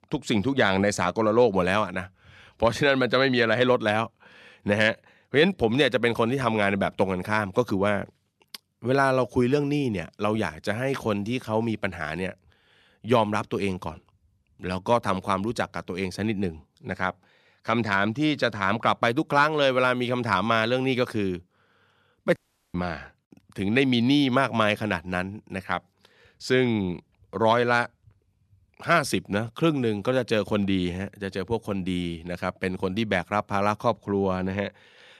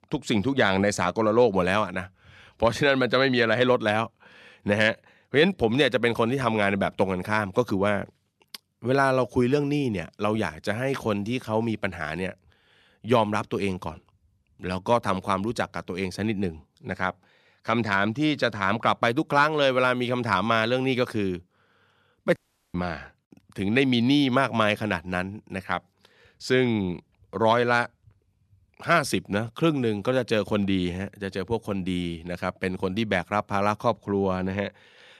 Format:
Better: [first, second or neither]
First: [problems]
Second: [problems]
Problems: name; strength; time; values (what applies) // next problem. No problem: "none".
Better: neither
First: audio cutting out; at 22 s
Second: audio cutting out; at 22 s